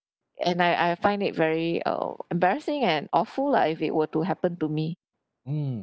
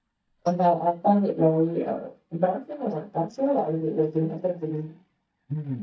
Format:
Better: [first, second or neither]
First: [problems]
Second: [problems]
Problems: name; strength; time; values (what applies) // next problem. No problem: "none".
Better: first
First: none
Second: noise reduction (neural mask model DeepFilterNet 3)